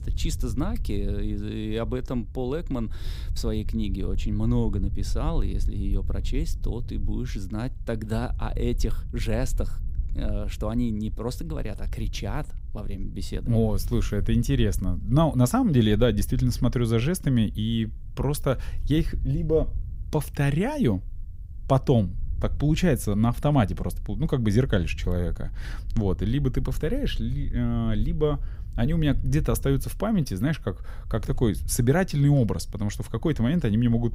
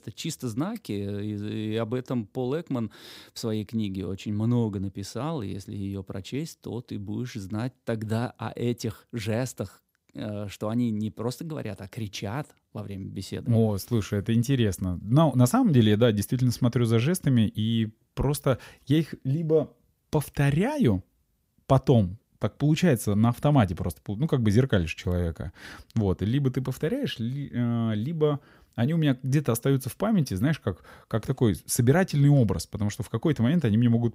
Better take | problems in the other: second | low rumble; faint; throughout; 25 dB below the speech

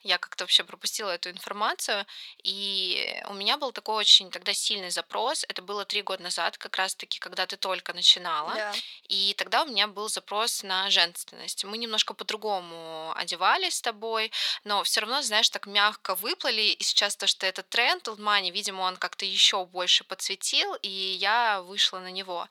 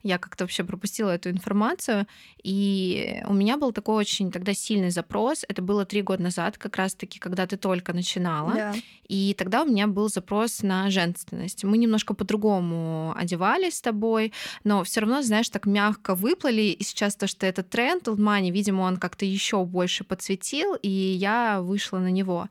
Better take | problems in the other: second | thin; very; fading below 800 Hz

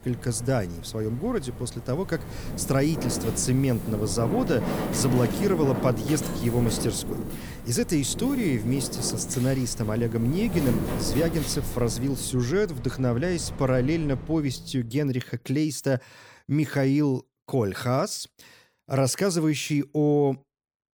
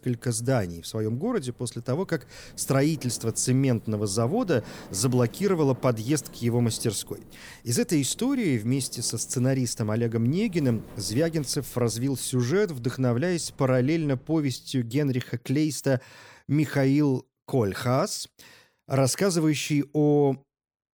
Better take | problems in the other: second | wind in the background; loud; until 14 s; 7 dB below the speech; faint in the second

